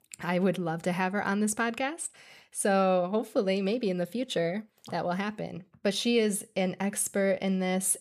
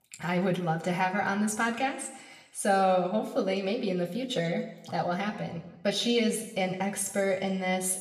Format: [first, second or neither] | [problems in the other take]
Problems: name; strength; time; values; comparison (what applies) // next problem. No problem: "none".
first | room echo; slight; dies away in 0.9 s // off-mic speech; somewhat distant